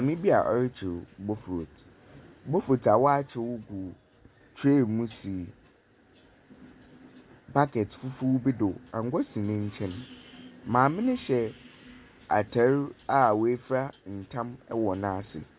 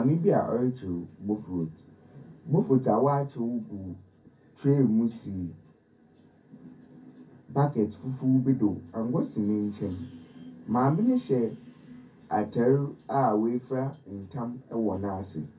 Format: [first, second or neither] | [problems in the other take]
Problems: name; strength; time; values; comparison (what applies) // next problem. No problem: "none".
first | room echo; dies away in 0.3 s